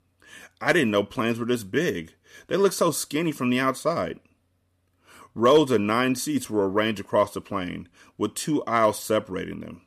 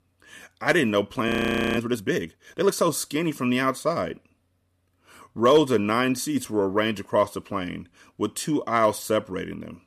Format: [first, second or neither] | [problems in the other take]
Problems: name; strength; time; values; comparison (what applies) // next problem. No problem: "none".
first | audio freezing; at 1.5 s